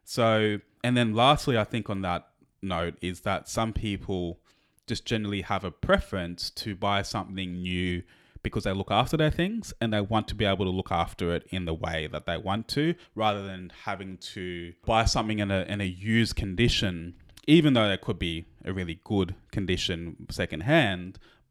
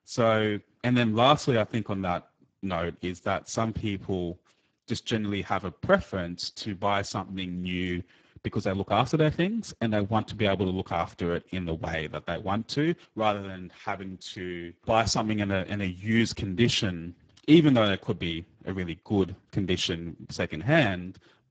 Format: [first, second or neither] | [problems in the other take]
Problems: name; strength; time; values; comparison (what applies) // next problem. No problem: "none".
first | garbled, watery; badly; nothing above 7.5 kHz